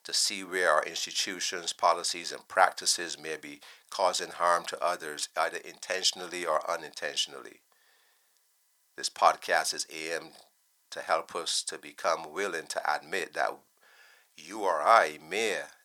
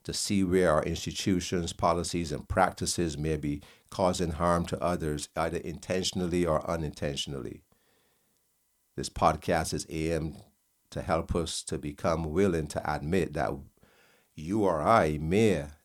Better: second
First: thin; very; fading below 800 Hz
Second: none

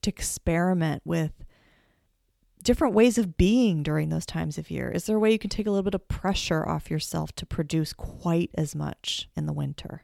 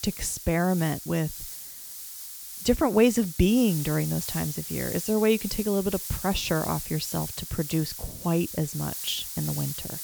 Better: first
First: none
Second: hiss; loud; throughout; 8 dB below the speech

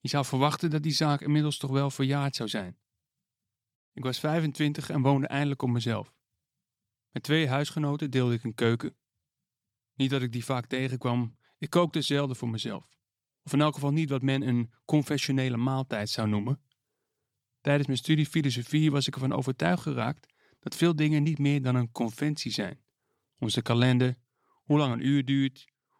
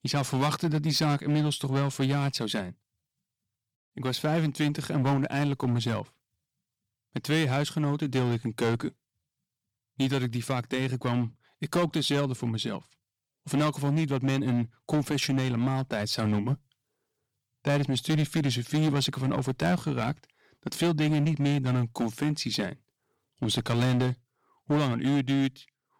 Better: first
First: none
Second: distortion; slight; 8% of the sound clipped

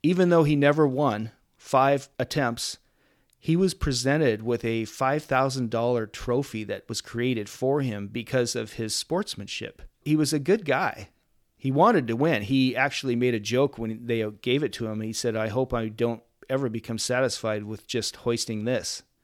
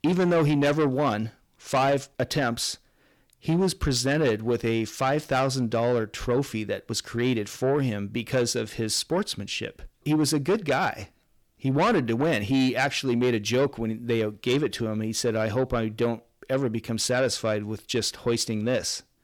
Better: first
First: none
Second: distortion; slight; 10 dB below the speech

